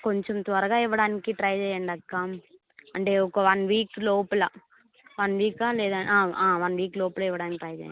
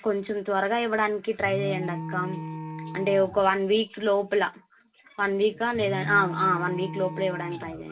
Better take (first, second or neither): first